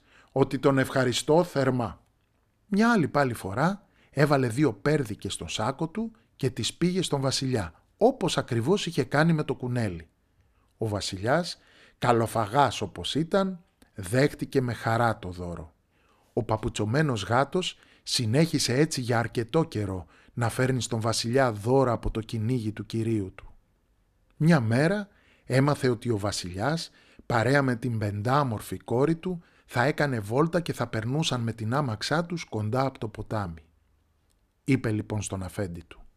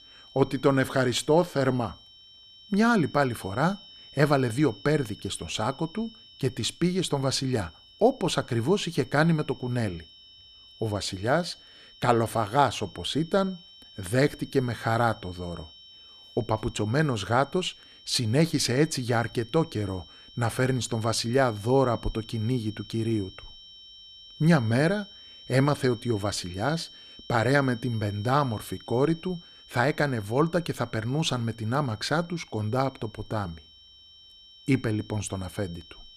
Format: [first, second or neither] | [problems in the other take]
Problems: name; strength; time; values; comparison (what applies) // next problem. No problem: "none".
first | high-pitched whine; faint; throughout; 3 kHz, 20 dB below the speech